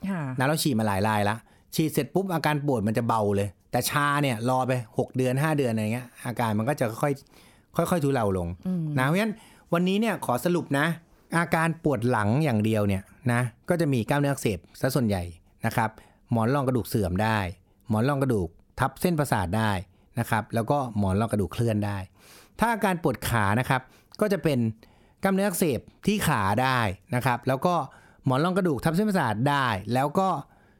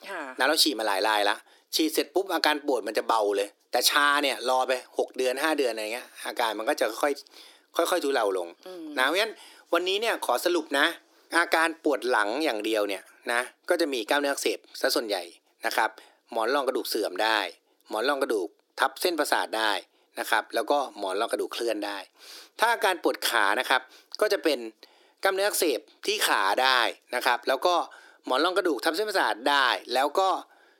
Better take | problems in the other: first | thin; very; fading below 300 Hz

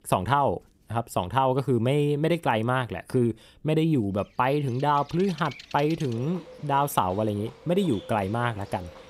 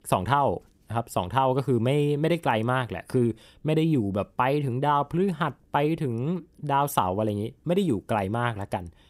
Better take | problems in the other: second | animal sounds; noticeable; from 4.5 s on; 20 dB below the speech

